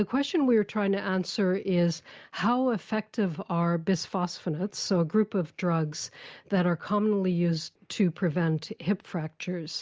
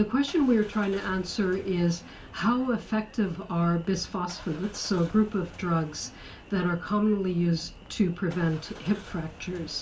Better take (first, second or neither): first